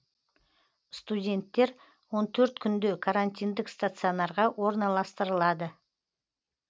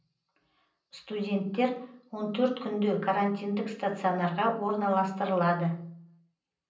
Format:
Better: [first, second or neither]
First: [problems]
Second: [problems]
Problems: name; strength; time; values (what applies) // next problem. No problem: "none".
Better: first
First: none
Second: room echo; dies away in 0.6 s